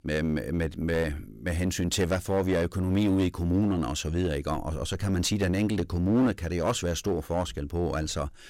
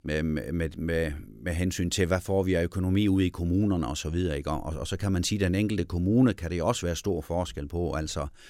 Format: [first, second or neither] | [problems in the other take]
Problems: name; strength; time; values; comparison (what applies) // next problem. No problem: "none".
second | distortion; slight; 10% of the sound clipped